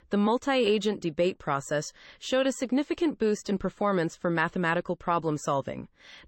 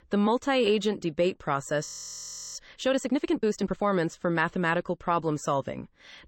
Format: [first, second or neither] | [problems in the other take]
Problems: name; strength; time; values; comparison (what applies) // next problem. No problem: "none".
first | audio freezing; at 2 s for 0.5 s